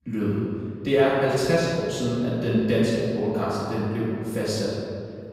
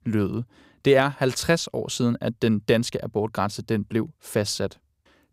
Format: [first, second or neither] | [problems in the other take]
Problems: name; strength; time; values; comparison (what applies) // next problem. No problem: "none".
second | room echo; strong; dies away in 2.5 s // off-mic speech; far